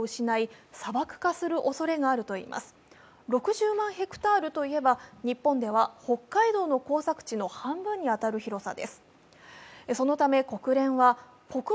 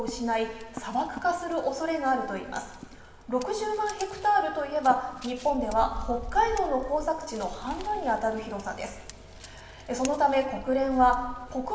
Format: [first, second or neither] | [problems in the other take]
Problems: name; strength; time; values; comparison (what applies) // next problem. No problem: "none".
first | background sound (Scissors); 13 dB below the speech // room echo; dies away in 1.4 s